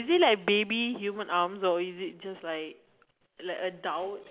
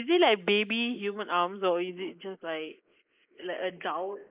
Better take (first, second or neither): first